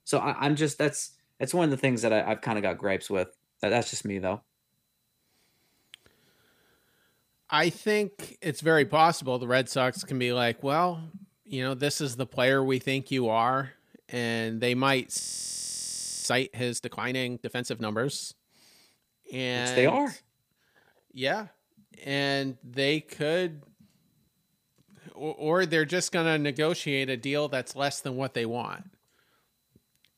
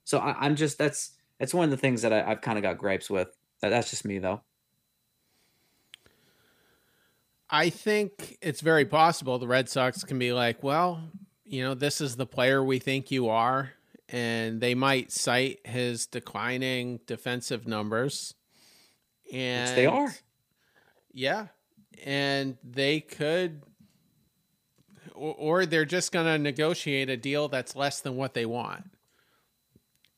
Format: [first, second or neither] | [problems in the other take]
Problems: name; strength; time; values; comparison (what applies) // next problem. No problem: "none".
second | audio freezing; at 15 s for 1 s